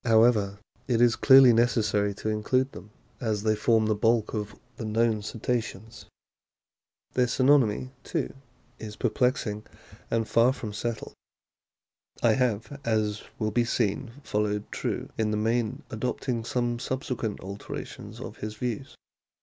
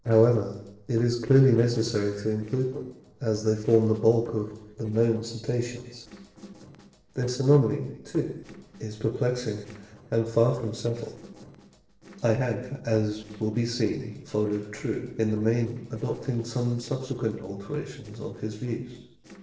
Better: first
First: none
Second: noise reduction (neural separator model SepFormer DNS4)

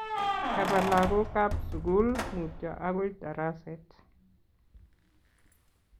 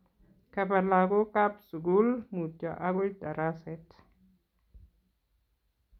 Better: second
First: background sound (Keys jangling); 4 dB below the speech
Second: none

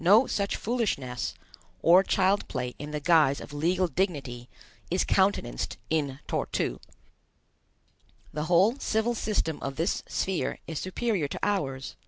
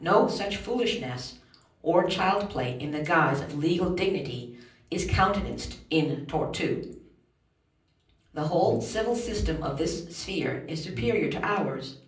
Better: first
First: none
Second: background sound (Brass instrument); 9 dB below the speech // room echo; dies away in 0.6 s

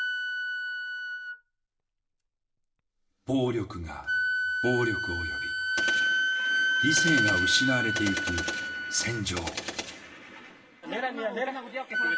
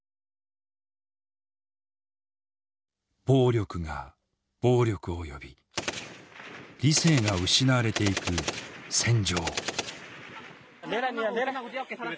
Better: second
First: background sound (Wind instrument, woodwind instrument); 2 dB above the speech // room echo; dies away in 0.8 s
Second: none

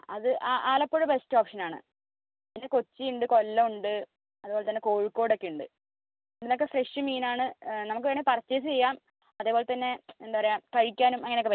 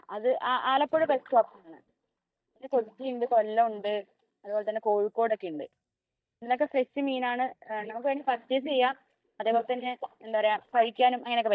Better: first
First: none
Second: noise reduction (neural mask model DeepFilterNet 3)

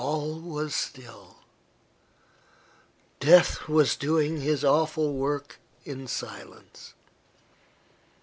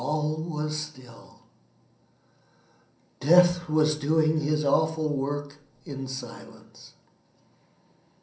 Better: first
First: none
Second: room echo; dies away in 0.6 s

